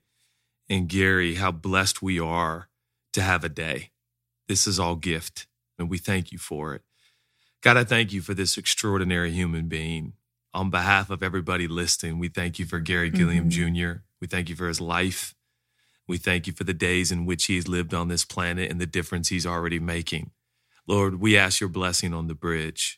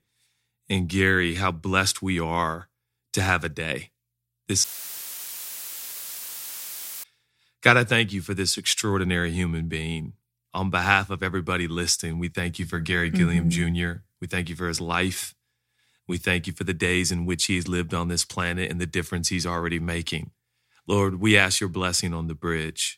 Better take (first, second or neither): first